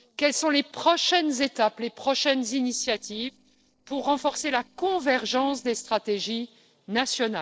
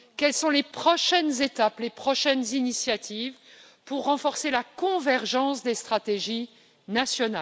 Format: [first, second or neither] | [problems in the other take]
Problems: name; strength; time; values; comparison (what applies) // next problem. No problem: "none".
second | noise reduction (neural separator model SepFormer DNS4)